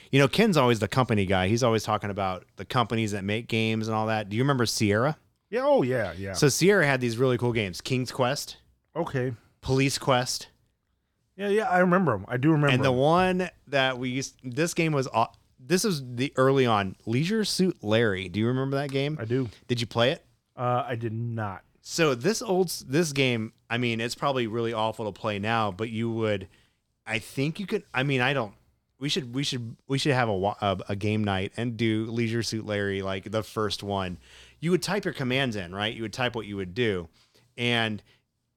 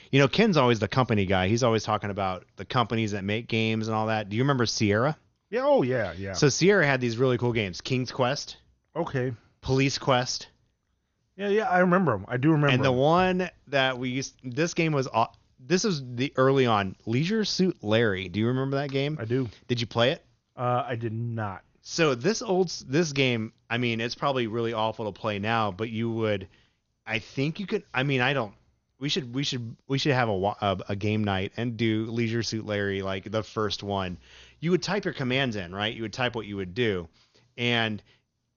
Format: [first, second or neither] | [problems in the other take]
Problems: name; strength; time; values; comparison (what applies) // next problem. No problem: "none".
first | garbled, watery; slightly; nothing above 6.5 kHz